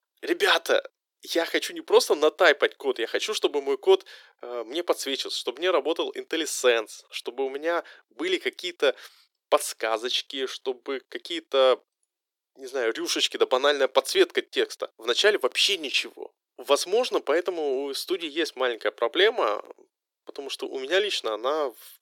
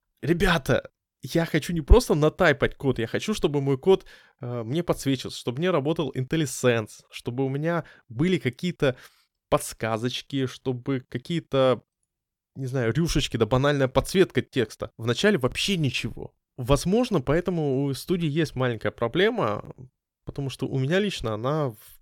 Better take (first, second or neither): second